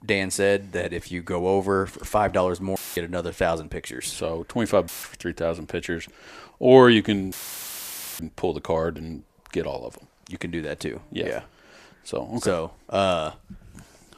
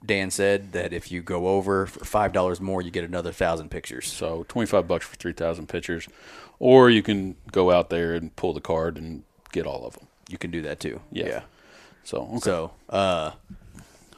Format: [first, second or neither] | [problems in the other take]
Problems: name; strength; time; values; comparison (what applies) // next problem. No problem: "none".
second | audio cutting out; filled with static; at 3 s, at 5 s and at 7.5 s for 1 s